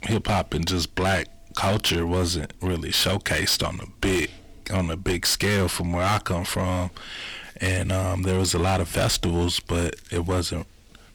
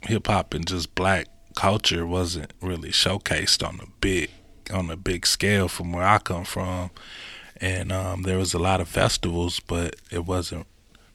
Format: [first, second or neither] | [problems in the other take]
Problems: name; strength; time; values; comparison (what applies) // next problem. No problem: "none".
second | distortion; heavy; 7 dB below the speech